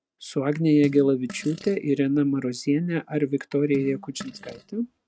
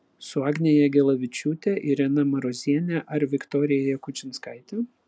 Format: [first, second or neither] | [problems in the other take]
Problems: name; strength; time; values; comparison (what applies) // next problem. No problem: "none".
second | noise reduction (neural mask model RNNoise)